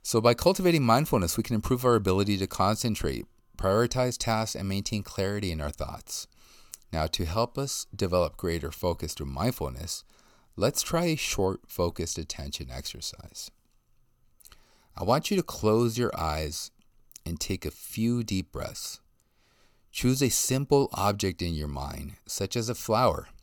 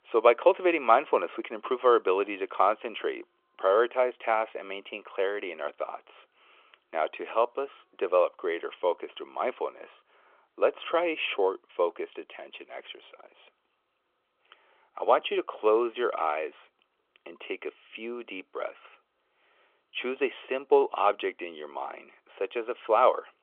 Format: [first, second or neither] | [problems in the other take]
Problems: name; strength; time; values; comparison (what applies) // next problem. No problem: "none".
first | phone-call audio